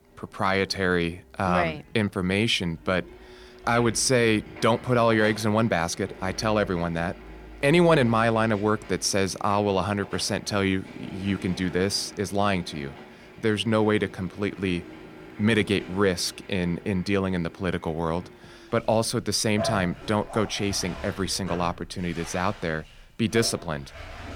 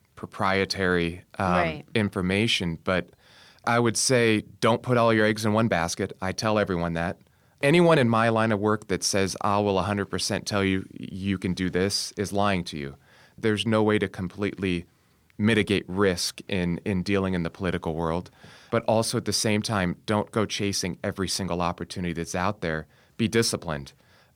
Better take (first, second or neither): second